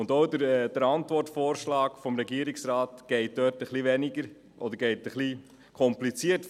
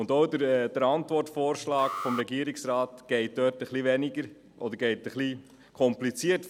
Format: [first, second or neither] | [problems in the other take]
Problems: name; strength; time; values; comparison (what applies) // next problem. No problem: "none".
first | background sound (Alarm); 12 dB below the speech